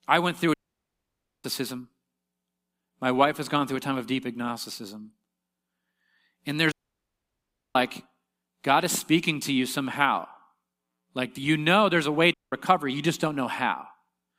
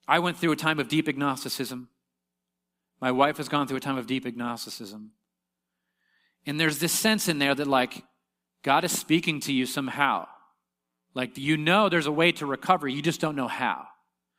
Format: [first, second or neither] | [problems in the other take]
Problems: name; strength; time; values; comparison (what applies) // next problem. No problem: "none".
second | audio cutting out; at 0.5 s for 1 s, at 6.5 s for 1 s and at 12 s